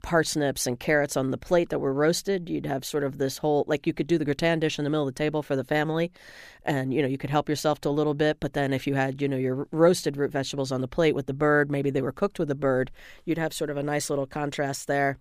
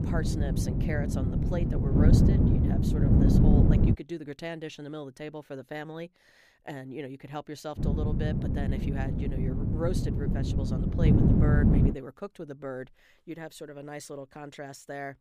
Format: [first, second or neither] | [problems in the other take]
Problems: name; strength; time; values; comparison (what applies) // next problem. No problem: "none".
first | wind noise on the microphone; heavy; until 4 s and from 8 to 12 s; 4 dB above the speech